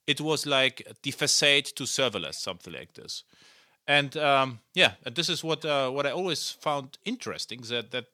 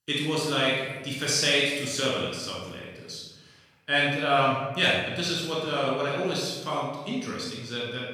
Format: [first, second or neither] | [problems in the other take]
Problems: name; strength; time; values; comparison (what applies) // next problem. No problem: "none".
first | off-mic speech; far // room echo; strong; dies away in 1.2 s